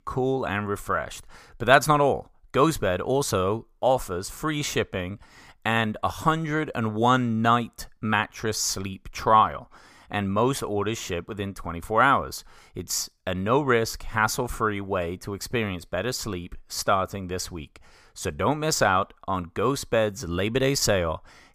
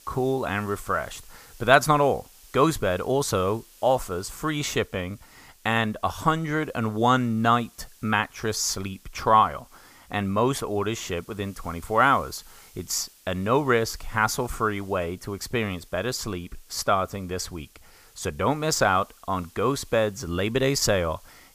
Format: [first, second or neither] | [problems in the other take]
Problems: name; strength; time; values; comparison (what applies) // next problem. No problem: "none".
first | hiss; faint; throughout; 25 dB below the speech